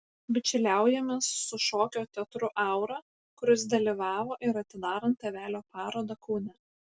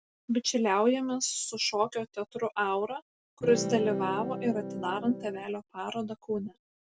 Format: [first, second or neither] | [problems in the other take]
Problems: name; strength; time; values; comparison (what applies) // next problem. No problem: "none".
first | background sound (Electric guitar / Strum); 5 dB below the speech